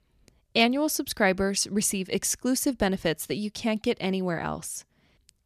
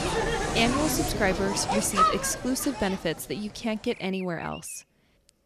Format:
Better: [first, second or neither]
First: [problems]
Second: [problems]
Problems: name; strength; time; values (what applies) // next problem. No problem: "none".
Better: first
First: none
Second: animal sounds; very loud; throughout; as loud as the speech